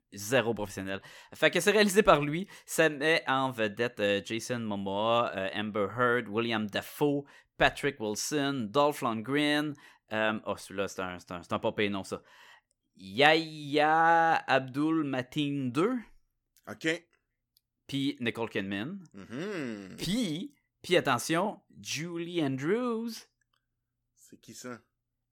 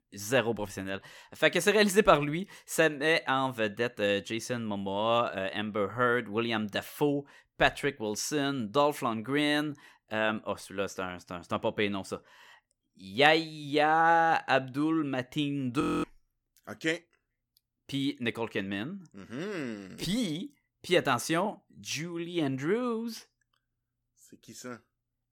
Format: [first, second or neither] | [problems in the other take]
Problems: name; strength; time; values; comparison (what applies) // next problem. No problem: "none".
first | audio freezing; at 16 s